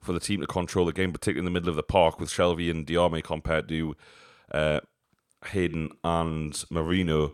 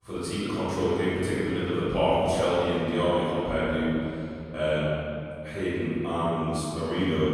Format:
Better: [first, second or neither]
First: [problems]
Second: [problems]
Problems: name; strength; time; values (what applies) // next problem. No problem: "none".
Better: first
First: none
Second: off-mic speech; far // room echo; strong; dies away in 2.6 s